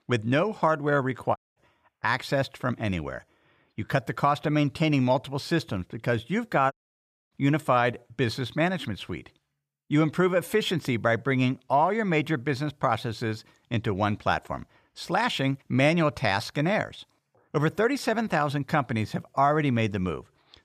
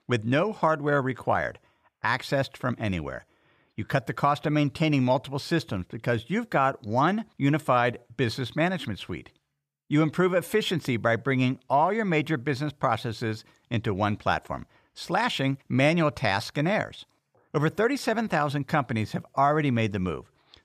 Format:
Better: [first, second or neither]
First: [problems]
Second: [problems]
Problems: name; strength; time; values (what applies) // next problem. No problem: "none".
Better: second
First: audio cutting out; at 1.5 s and at 6.5 s for 0.5 s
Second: none